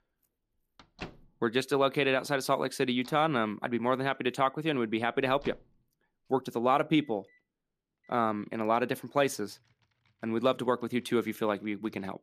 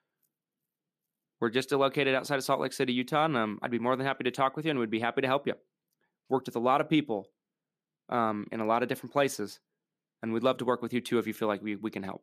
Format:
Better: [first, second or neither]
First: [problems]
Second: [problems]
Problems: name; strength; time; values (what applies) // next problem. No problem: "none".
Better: second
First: household noises; faint; throughout; 25 dB below the speech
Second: none